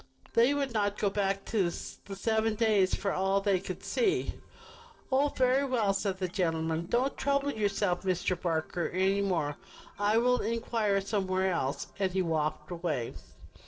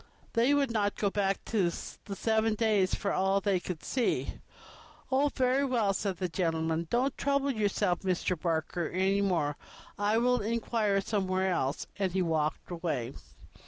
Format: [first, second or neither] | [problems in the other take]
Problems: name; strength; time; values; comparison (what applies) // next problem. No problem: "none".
second | noise reduction (neural separator model SepFormer DNS4)